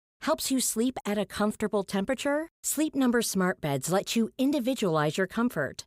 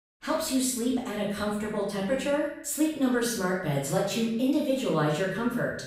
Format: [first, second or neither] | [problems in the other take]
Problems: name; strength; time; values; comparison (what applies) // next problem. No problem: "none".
first | room echo; noticeable; dies away in 0.7 s // off-mic speech; far